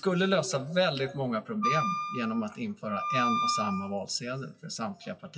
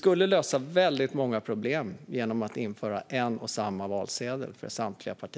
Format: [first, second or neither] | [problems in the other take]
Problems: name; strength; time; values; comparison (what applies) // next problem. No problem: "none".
second | noise reduction (classical method WPE with log-MMSE)